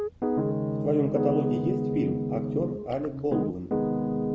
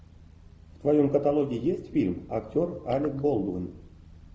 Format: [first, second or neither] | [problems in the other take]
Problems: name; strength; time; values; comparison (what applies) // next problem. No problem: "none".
second | background sound (Piano); 3 dB above the speech